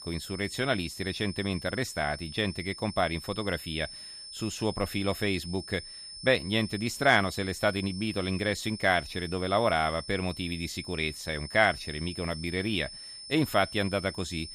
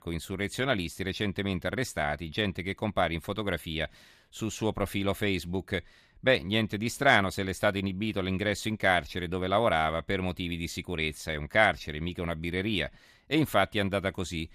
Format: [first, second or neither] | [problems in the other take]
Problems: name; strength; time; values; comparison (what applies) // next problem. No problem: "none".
second | high-pitched whine; noticeable; throughout; 5.5 kHz, 10 dB below the speech